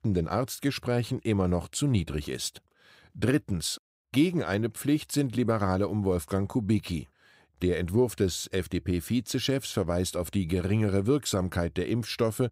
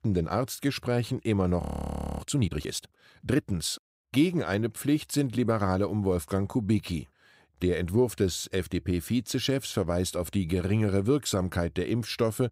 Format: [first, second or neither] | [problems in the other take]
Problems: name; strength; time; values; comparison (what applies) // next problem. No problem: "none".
first | audio freezing; at 1.5 s for 0.5 s